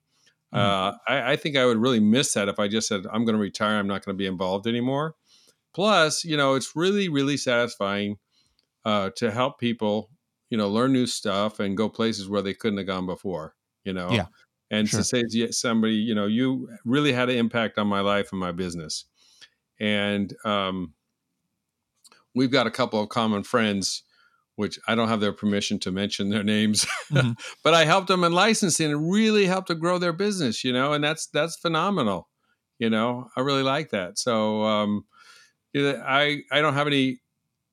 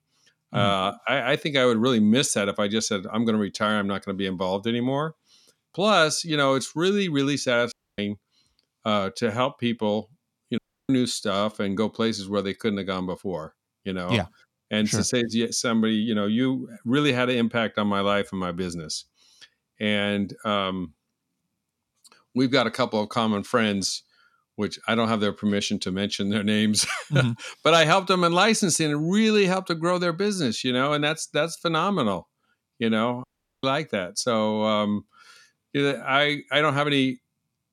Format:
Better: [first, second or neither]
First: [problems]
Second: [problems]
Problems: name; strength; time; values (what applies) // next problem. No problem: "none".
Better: first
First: none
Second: audio cutting out; at 7.5 s, at 11 s and at 33 s